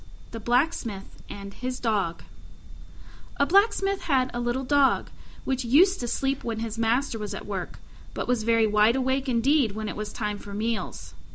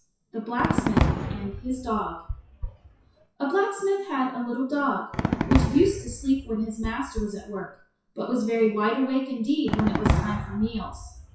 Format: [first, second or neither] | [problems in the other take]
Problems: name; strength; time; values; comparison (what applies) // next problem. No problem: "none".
first | noise reduction (classical method WPE with log-MMSE)